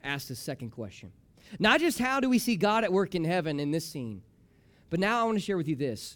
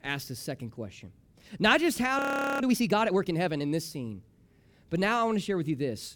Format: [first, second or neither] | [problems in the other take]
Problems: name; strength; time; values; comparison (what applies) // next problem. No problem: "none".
first | audio freezing; at 2 s